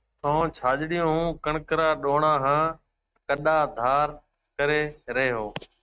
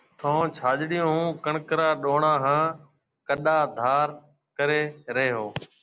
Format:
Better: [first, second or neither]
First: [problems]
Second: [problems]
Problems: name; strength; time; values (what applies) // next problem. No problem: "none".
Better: second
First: noise reduction (neural mask model RNNoise)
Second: none